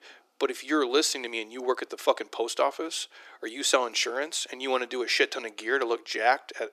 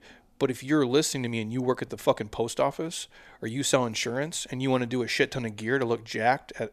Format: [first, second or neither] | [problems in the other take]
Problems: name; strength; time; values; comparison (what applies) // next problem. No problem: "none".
second | thin; somewhat; fading below 300 Hz